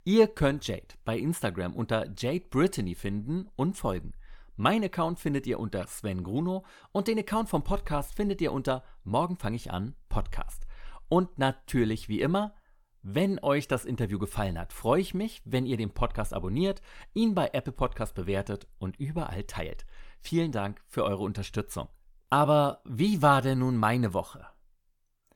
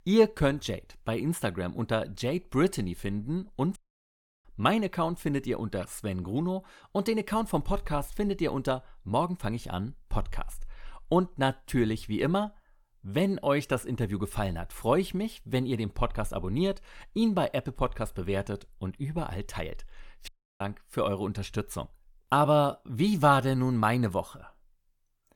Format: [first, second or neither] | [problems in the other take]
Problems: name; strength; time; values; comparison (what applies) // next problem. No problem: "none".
first | audio cutting out; at 4 s for 0.5 s and at 20 s